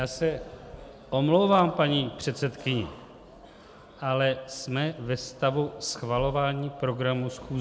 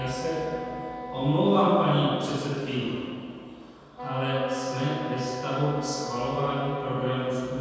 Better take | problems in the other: first | background sound (Wind instrument, woodwind instrument); 11 dB below the speech // room echo; dies away in 2.1 s

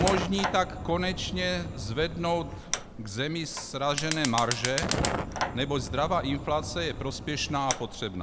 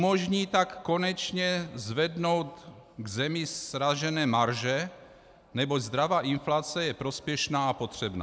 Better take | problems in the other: second | background sound (Fire); 4 dB below the speech

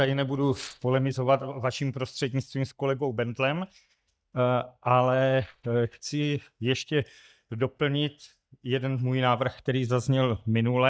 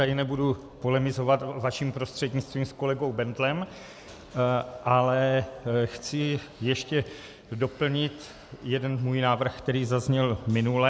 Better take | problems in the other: second | noise reduction (neural mask model DeepFilterNet 3)

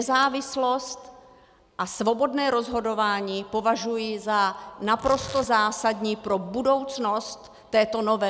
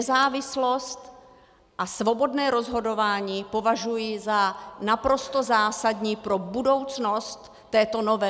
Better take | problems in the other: second | background sound (Tearing); 20 dB below the speech

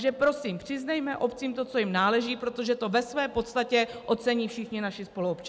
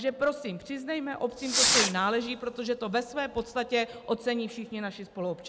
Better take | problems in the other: first | background sound (Fireworks); as loud as the speech

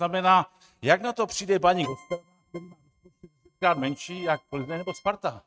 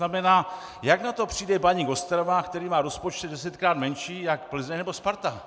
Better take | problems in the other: second | noise reduction (neural mask model RNNoise)

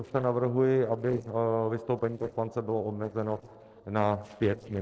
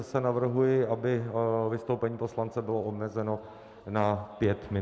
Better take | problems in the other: second | noise reduction (neural separator model SepFormer DNS4)

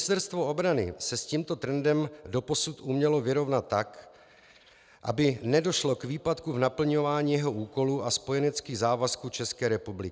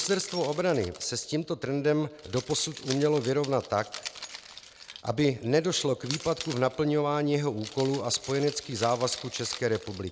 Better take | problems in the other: first | background sound (Keys jangling); 15 dB below the speech

